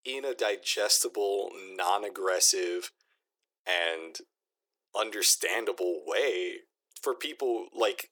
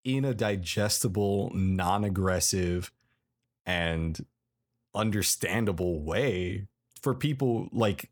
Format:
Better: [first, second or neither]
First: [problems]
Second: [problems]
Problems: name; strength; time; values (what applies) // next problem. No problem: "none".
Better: second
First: thin; very; fading below 350 Hz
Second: none